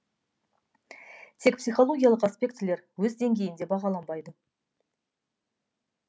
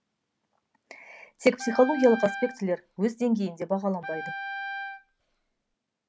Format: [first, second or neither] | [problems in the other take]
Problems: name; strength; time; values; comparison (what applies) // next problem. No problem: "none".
first | background sound (Wind instrument, woodwind instrument); 10 dB below the speech